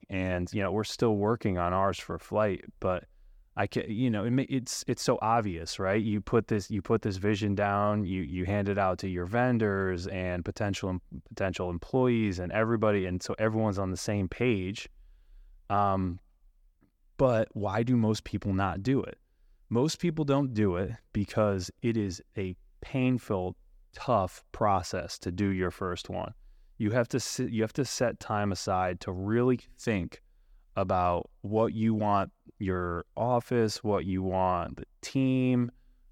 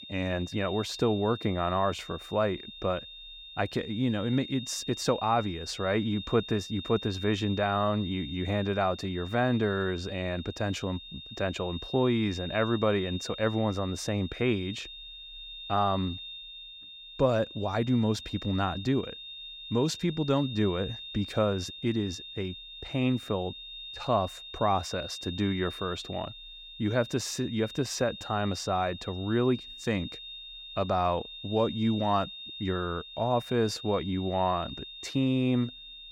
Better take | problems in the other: first | high-pitched whine; noticeable; throughout; 3.5 kHz, 10 dB below the speech

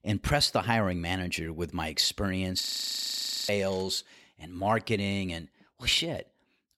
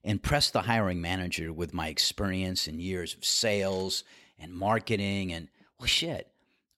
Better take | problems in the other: second | audio freezing; at 2.5 s for 1 s

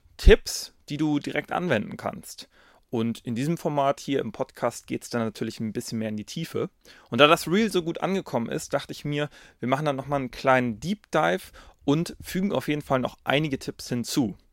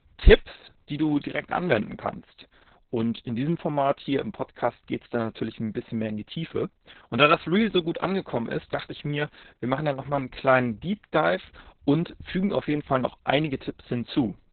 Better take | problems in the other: first | garbled, watery; badly; nothing above 4 kHz

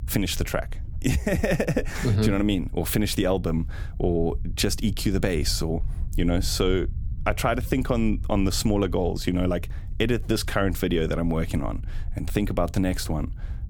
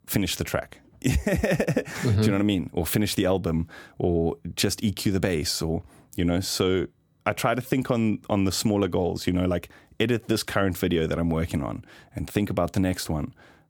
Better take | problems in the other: second | low rumble; faint; throughout; 25 dB below the speech

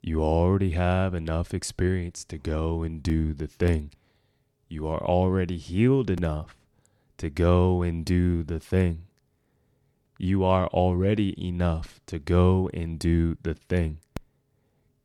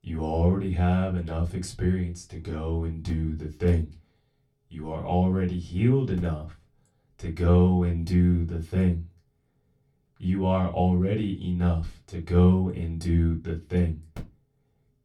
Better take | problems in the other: first | off-mic speech; far // room echo; very slight; dies away in 0.2 s

